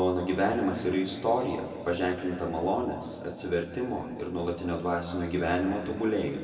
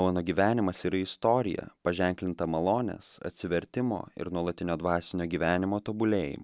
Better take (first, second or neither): second